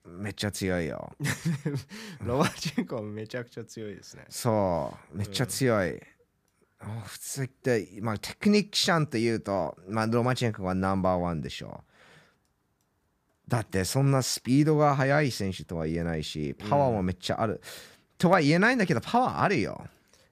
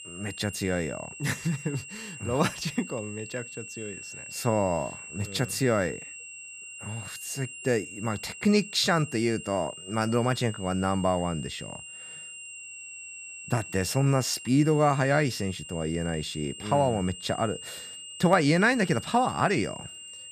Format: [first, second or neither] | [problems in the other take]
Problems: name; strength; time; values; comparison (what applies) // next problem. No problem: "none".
first | high-pitched whine; noticeable; throughout; 2.5 kHz, 10 dB below the speech